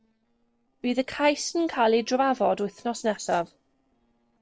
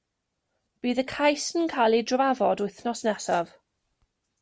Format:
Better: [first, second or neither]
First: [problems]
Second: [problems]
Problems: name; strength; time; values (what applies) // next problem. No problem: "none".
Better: second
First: noise reduction (neural separator model SepFormer DNS4)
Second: none